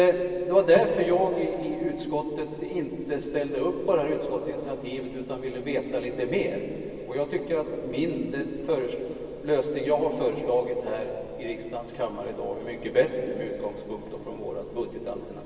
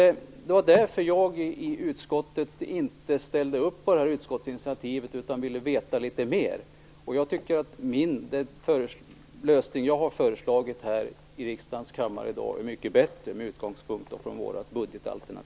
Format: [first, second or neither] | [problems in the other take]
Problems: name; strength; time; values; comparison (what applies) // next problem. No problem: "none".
second | room echo; dies away in 2.6 s